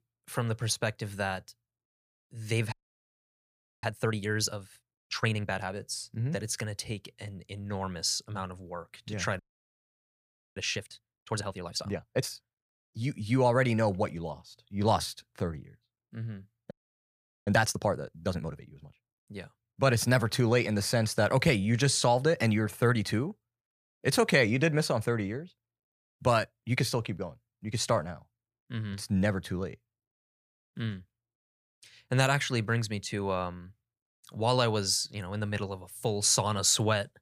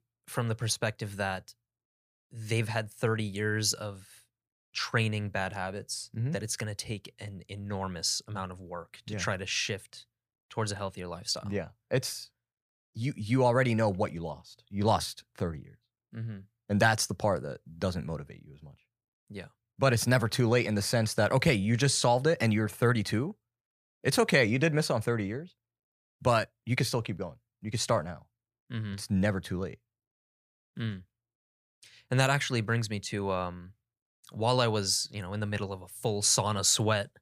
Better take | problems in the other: second | audio freezing; at 2.5 s for 1 s, at 9.5 s for 1 s and at 17 s for 1 s

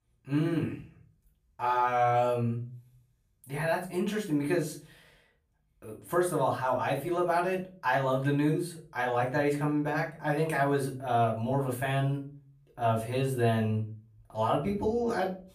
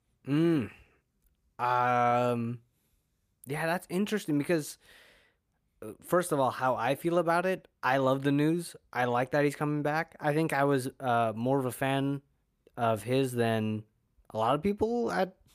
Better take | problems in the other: second | off-mic speech; far // room echo; slight; dies away in 0.3 s

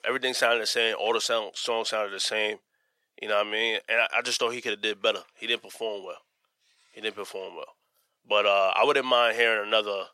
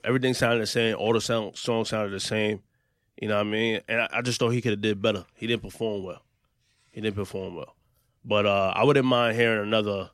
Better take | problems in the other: second | thin; very; fading below 650 Hz

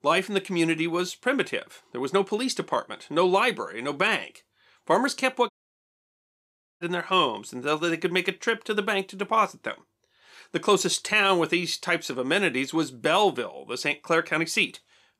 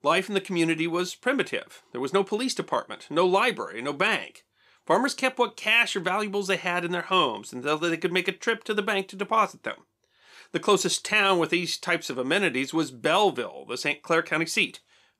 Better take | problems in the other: second | audio cutting out; at 5.5 s for 1.5 s

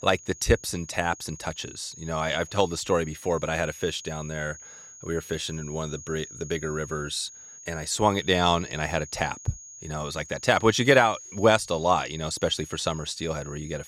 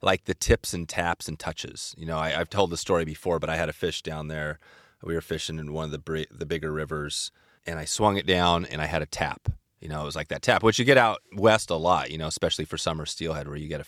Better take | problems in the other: second | high-pitched whine; noticeable; throughout; 6.5 kHz, 15 dB below the speech

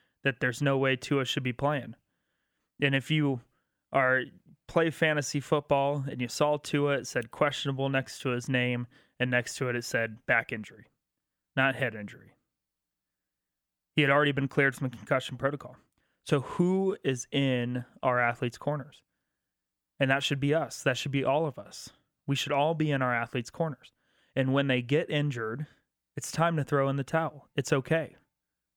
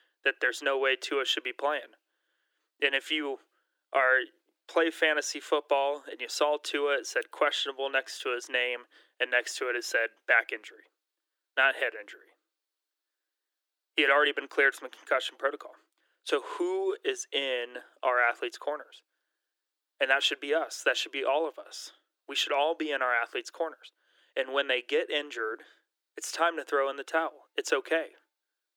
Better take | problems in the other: first | thin; very; fading below 300 Hz

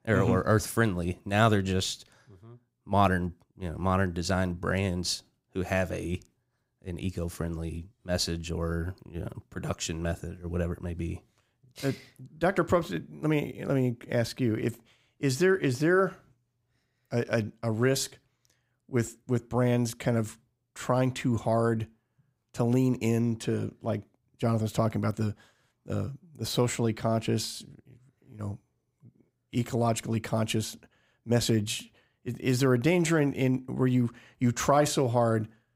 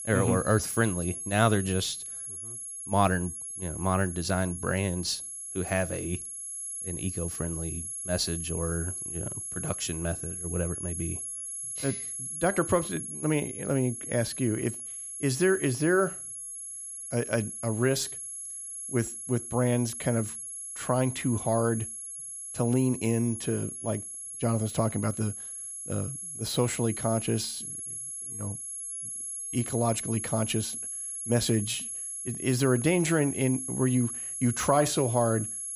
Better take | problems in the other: first | high-pitched whine; loud; throughout; 11 kHz, 6 dB below the speech

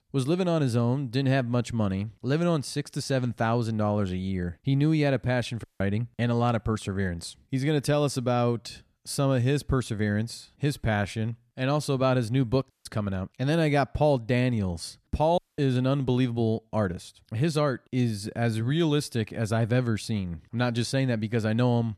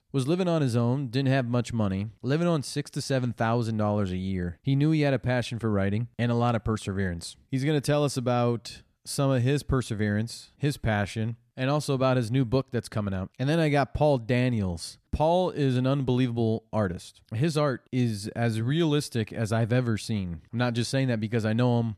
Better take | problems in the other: second | audio cutting out; at 5.5 s, at 13 s and at 15 s

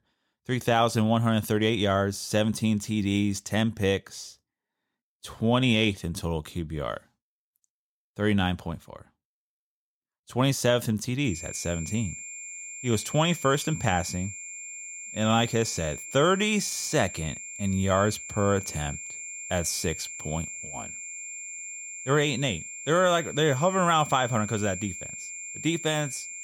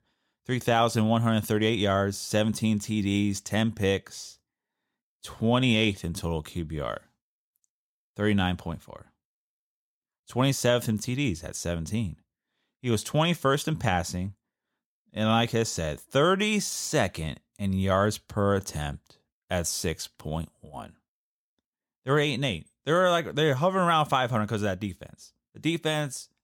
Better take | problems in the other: second | high-pitched whine; loud; from 11 s on; 7.5 kHz, 10 dB below the speech

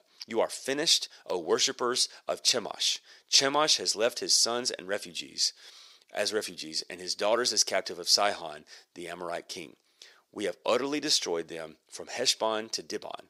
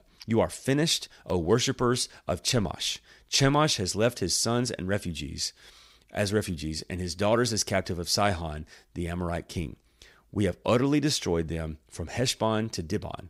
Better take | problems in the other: second | thin; somewhat; fading below 450 Hz

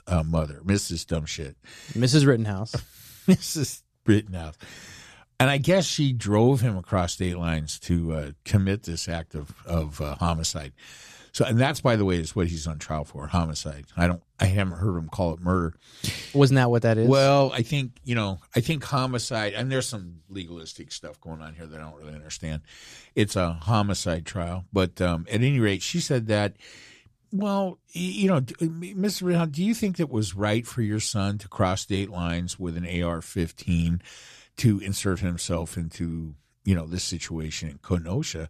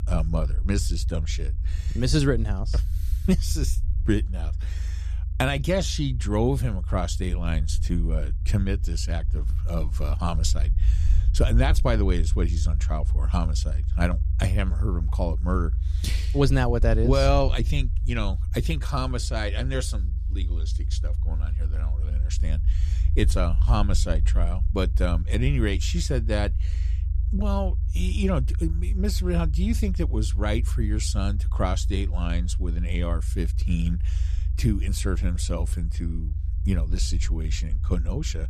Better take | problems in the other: first | low rumble; noticeable; throughout; 15 dB below the speech

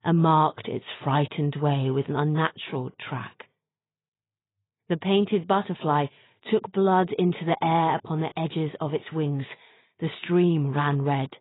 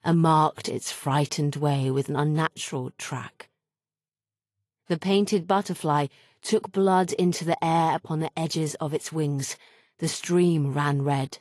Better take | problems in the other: second | garbled, watery; badly; nothing above 4 kHz; slightly in the second

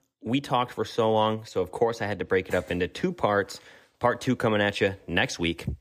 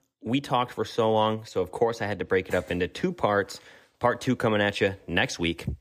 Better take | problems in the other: neither | none

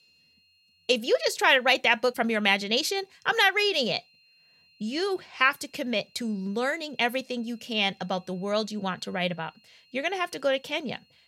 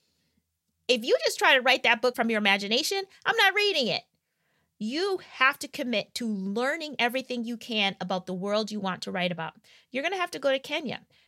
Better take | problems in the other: second | high-pitched whine; faint; throughout; 4 kHz, 35 dB below the speech

